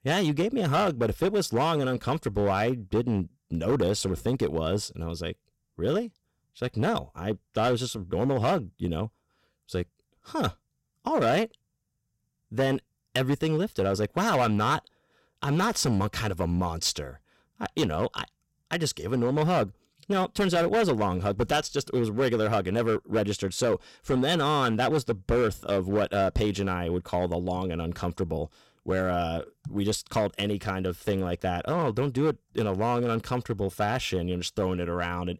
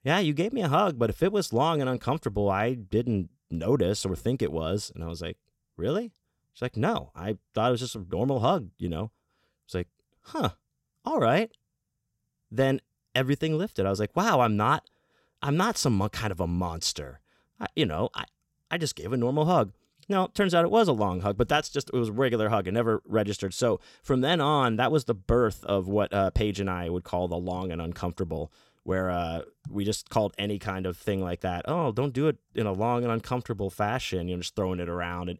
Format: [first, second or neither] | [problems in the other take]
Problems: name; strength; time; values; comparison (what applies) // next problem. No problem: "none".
second | distortion; slight; 6% of the sound clipped